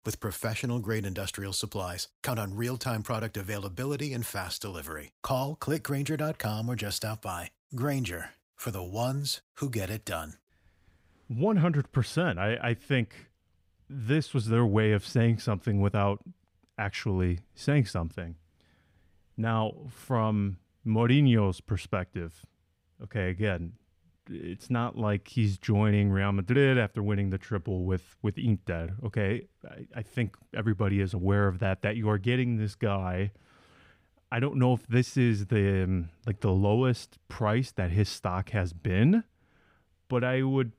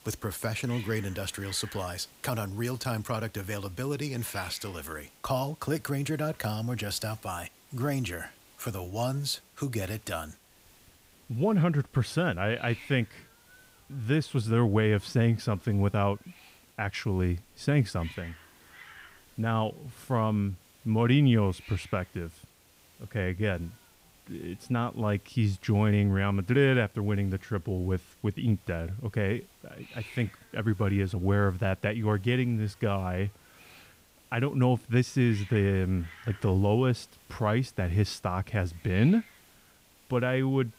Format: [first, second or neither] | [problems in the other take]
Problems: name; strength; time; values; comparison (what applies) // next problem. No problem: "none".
first | hiss; faint; throughout; 25 dB below the speech